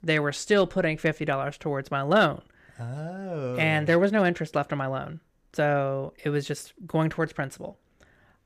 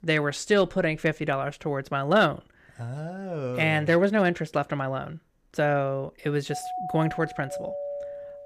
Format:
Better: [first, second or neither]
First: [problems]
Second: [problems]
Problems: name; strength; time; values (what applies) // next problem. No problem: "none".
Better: first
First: none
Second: doorbell; noticeable; from 6.5 s on; peak 7 dB below the speech